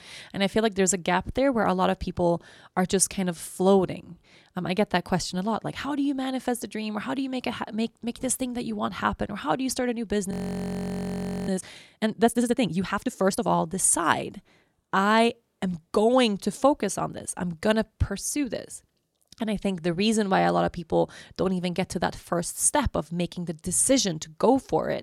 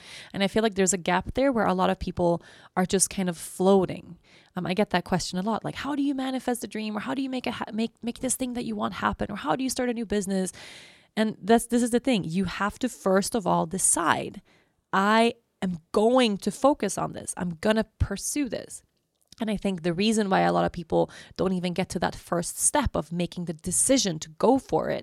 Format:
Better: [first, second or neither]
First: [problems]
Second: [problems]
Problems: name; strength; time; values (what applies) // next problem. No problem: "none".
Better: second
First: audio freezing; at 10 s for 1 s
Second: none